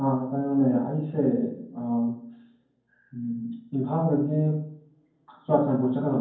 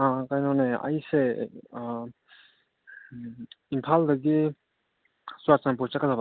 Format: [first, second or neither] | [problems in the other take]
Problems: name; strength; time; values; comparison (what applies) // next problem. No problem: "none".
second | room echo; dies away in 0.9 s